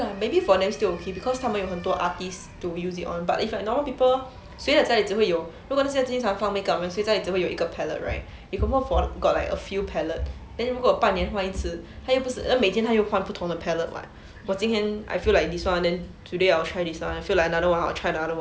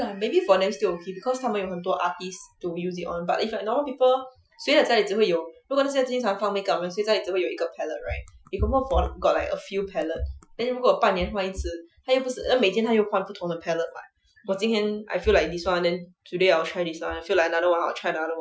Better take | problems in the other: first | noise reduction (classical method Wiener filter)

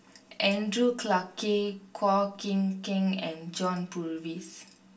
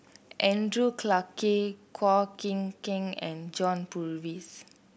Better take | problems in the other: second | room echo; dies away in 0.3 s

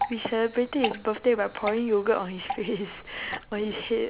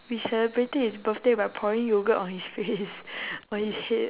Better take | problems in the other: second | background sound (Drip / Water); 10 dB below the speech

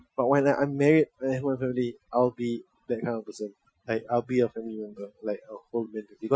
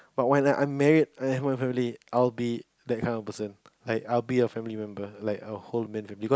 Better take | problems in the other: second | noise reduction (classical method Wiener filter)

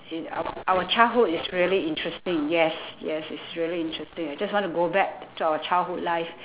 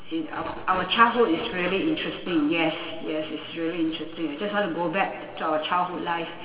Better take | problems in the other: first | room echo; dies away in 1.9 s

